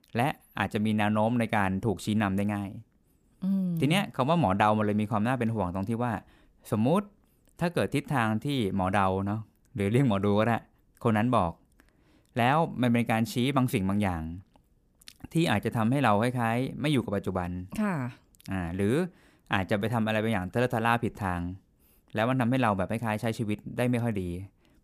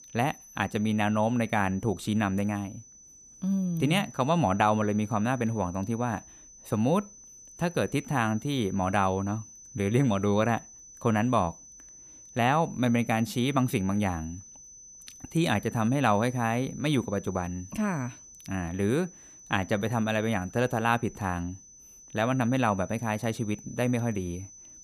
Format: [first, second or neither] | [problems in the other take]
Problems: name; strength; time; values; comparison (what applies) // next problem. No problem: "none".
first | high-pitched whine; noticeable; throughout; 6 kHz, 20 dB below the speech